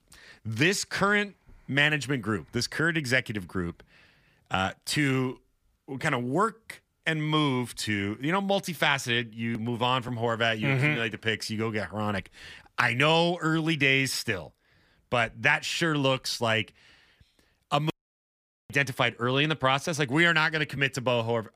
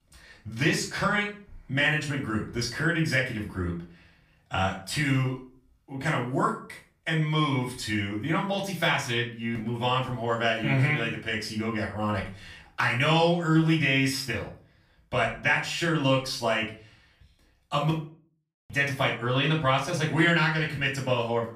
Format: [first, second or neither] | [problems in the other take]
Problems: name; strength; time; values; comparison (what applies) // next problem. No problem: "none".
first | off-mic speech; far // room echo; slight; dies away in 0.3 s